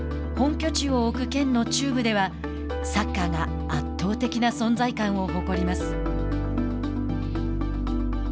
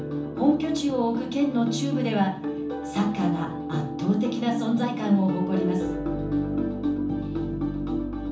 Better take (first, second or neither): first